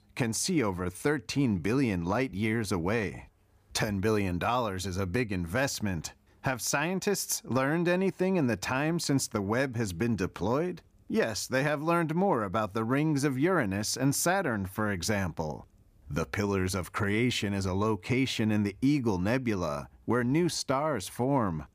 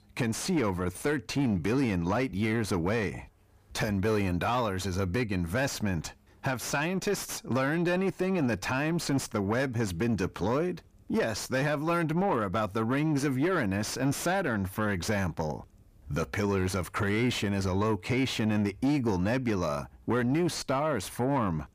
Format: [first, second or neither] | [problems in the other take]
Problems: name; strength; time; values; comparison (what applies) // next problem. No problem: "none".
first | distortion; slight; 10 dB below the speech